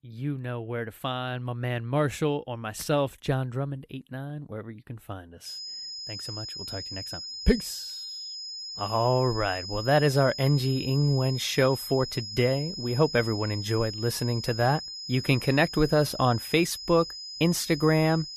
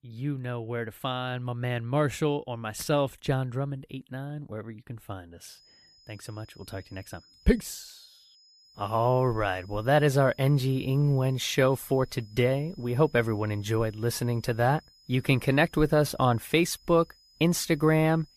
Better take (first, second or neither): second